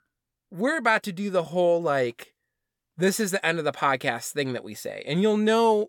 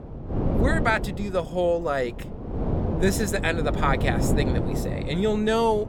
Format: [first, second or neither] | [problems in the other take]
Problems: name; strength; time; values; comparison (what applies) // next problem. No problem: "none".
first | wind noise on the microphone; heavy; 8 dB below the speech